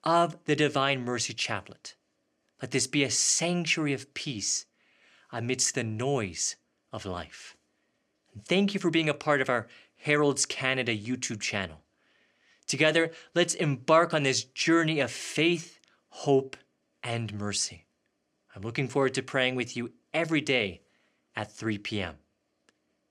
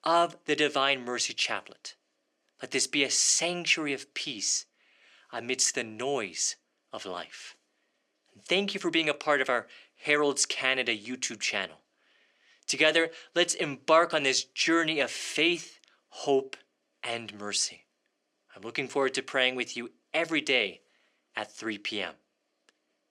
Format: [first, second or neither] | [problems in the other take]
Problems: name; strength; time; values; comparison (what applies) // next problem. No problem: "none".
first | thin; very slightly; fading below 300 Hz